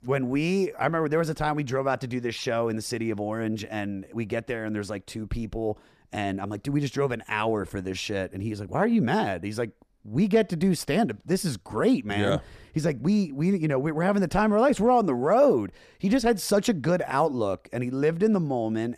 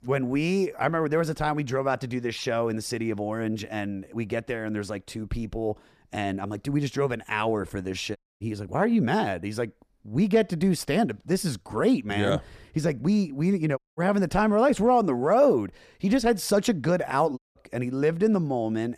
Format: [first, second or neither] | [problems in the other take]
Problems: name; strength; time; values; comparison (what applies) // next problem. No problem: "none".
first | audio cutting out; at 8 s, at 14 s and at 17 s